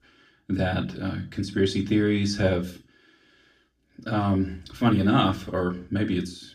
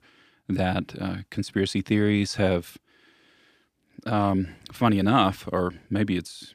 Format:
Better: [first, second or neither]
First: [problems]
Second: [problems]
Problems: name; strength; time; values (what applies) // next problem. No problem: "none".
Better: second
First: room echo; very slight; dies away in 0.3 s // off-mic speech; far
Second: none